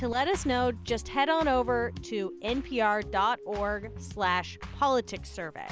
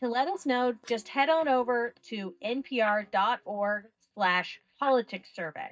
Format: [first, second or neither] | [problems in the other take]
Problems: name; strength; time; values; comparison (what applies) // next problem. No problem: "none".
first | noise reduction (neural mask model DeepFilterNet 3)